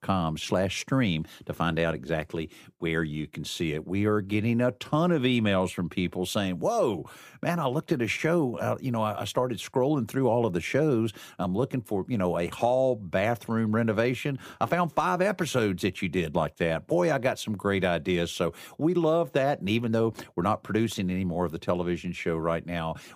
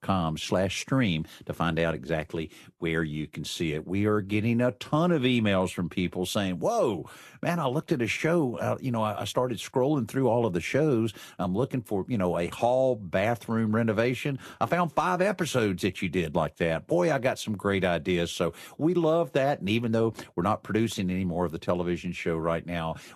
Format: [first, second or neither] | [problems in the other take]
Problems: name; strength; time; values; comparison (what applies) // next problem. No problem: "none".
first | garbled, watery; slightly; nothing above 12.5 kHz